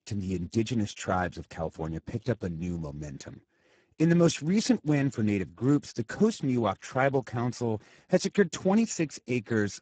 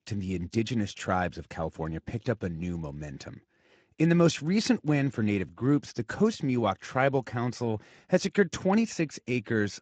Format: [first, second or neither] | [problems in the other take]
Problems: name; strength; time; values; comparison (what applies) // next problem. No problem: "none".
second | garbled, watery; badly; nothing above 7.5 kHz; slightly in the second